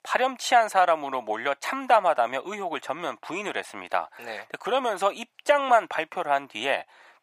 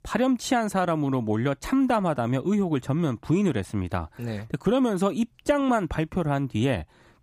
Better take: second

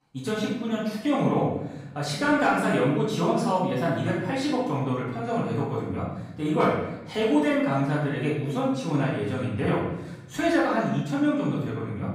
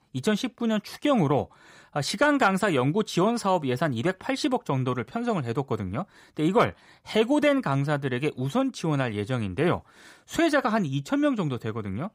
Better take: second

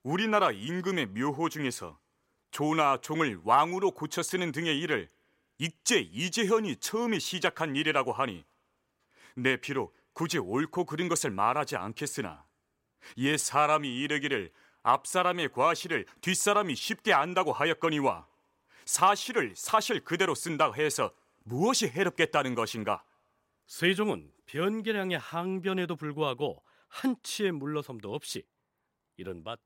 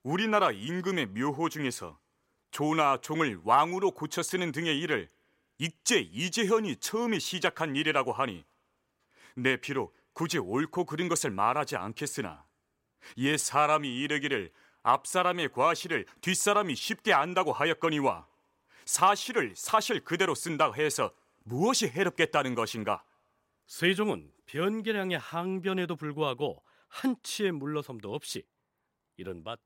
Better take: neither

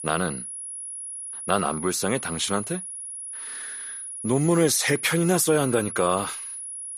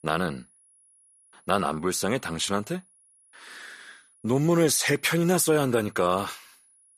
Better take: second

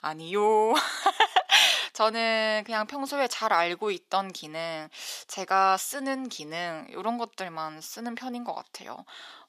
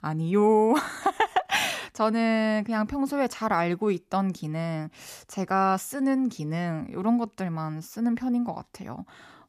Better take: second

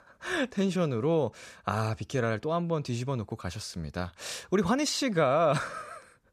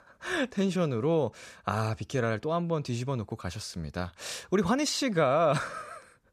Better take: neither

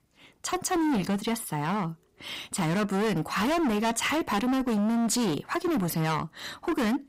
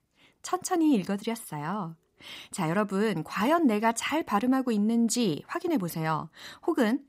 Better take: second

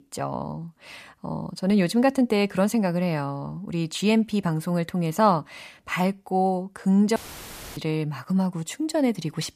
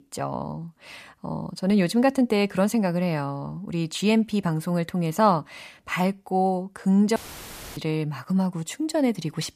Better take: neither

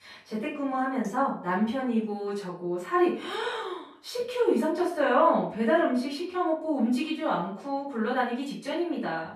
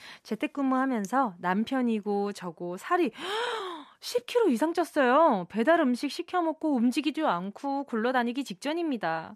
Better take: second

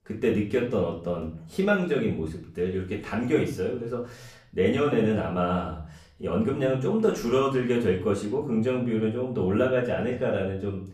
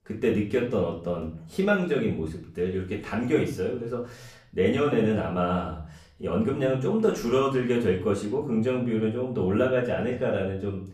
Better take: neither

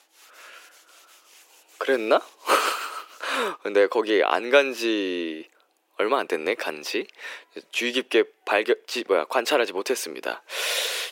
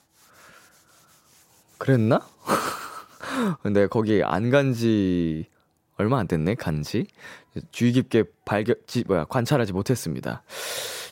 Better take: second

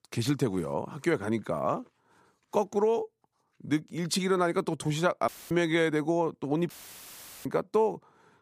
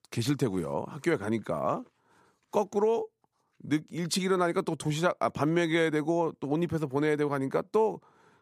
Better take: second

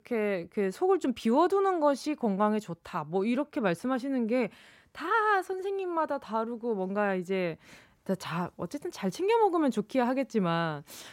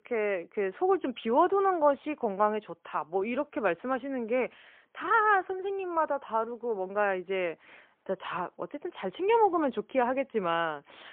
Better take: first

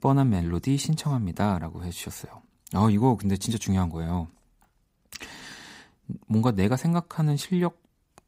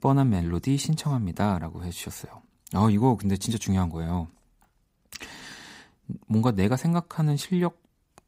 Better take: neither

